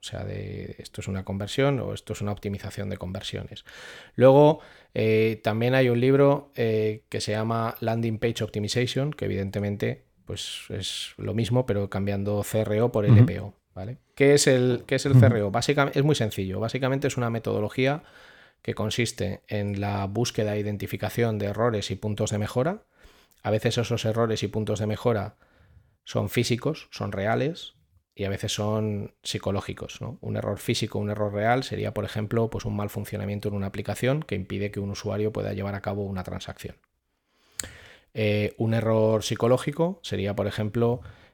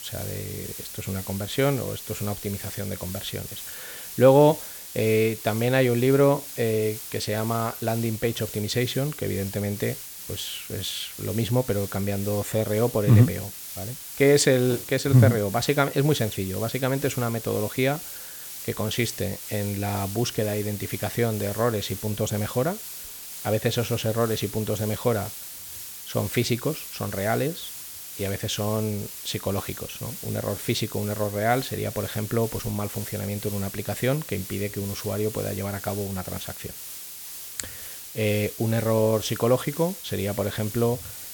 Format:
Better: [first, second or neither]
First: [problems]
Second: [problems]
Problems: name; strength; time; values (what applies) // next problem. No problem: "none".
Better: first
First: none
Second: hiss; loud; throughout; 10 dB below the speech